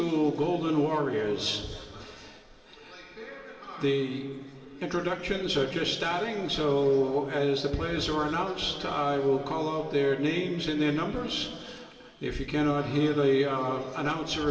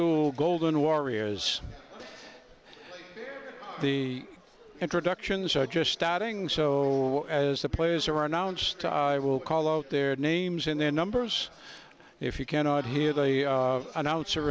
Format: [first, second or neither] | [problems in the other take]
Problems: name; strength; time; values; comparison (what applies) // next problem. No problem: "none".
second | room echo; dies away in 2.4 s